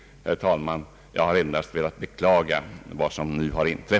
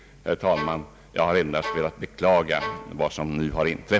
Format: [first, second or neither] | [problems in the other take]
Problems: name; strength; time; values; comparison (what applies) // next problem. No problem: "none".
first | background sound (Bowed string instrument); 11 dB below the speech